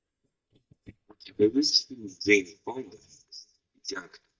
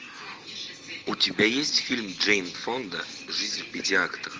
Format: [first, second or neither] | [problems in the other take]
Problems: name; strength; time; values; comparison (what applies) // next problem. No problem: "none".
second | noise reduction (neural mask model DeepFilterNet 3)